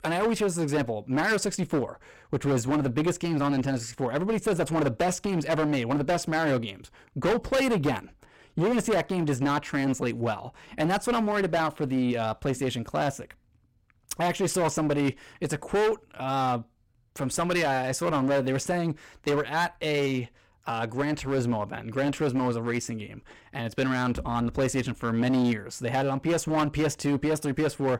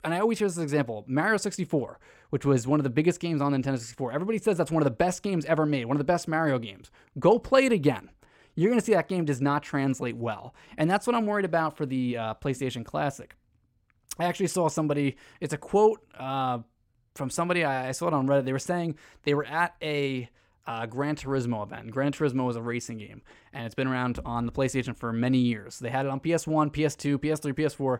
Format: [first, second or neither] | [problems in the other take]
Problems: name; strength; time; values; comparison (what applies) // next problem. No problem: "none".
second | distortion; heavy; 14% of the sound clipped